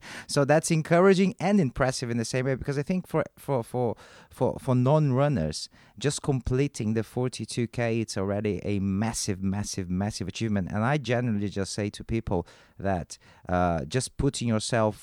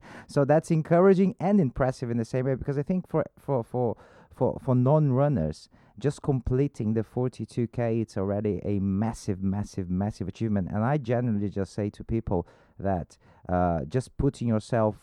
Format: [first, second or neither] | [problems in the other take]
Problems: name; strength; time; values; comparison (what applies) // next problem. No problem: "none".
first | muffled; slightly; fading above 1.5 kHz